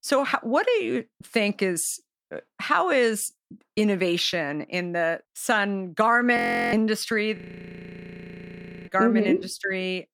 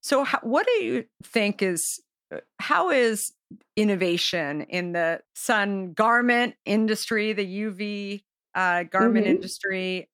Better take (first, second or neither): second